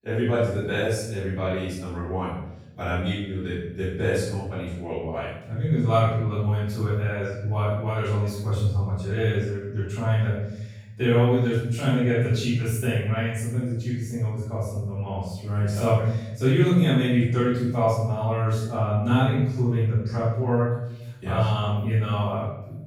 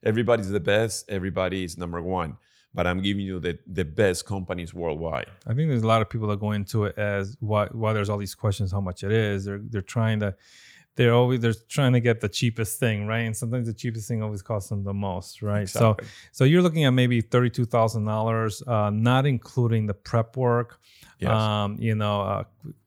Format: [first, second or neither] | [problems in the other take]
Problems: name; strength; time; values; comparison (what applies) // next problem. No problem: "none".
second | off-mic speech; far // room echo; strong; dies away in 0.8 s